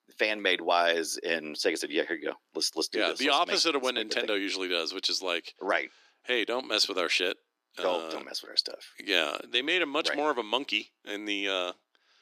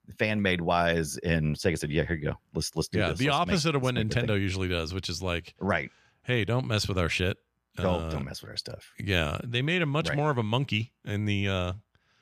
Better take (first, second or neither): second